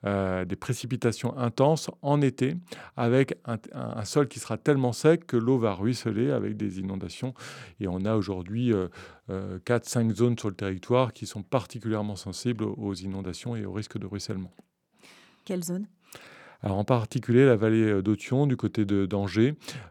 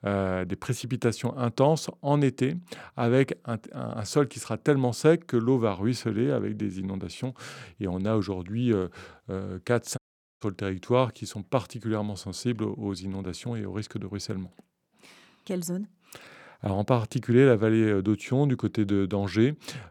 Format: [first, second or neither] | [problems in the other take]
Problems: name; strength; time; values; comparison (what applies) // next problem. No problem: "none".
first | audio cutting out; at 10 s